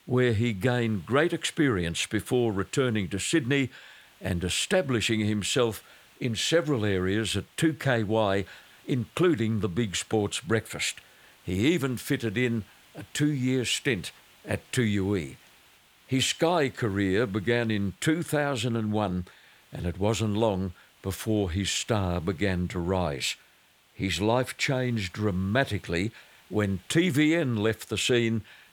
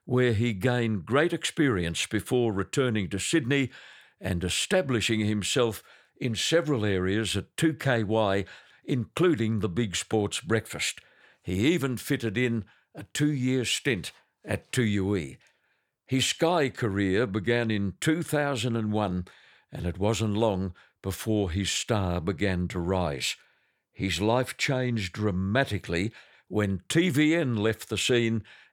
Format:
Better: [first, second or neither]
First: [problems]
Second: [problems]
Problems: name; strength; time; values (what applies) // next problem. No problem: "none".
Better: second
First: hiss; faint; throughout; 30 dB below the speech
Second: none